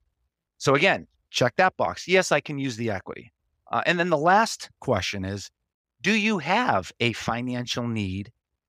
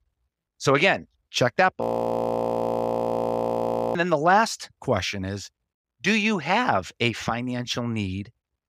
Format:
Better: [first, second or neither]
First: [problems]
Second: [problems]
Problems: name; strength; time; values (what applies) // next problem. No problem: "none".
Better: first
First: none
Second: audio freezing; at 2 s for 2 s